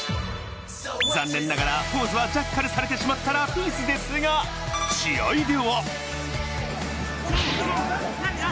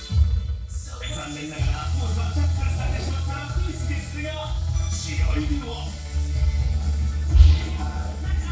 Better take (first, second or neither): first